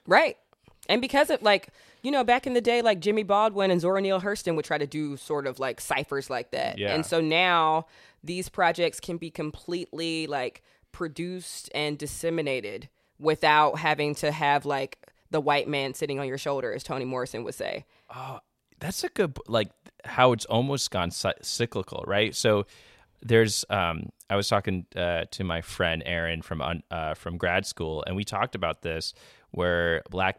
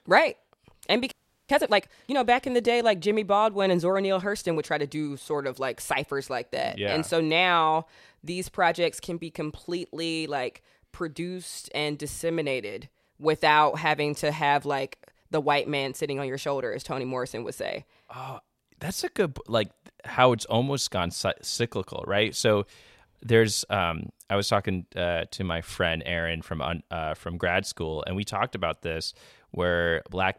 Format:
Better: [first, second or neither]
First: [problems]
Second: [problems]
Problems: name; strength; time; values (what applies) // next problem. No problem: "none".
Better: first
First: none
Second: audio freezing; at 1 s